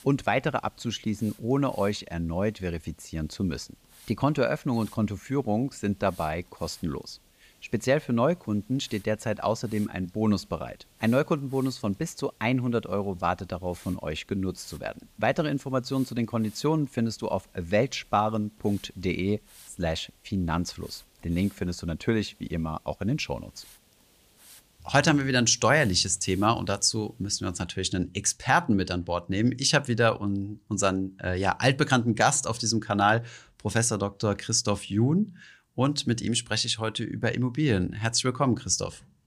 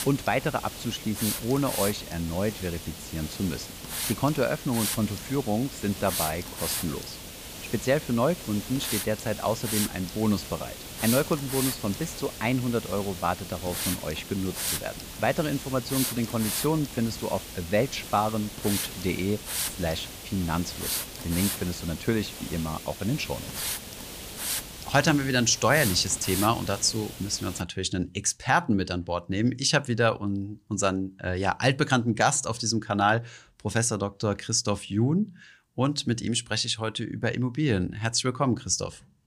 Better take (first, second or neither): first